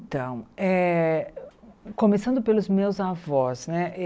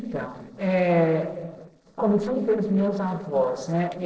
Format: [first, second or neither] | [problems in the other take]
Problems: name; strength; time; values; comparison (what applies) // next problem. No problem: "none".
first | noise reduction (neural separator model SepFormer DNS4)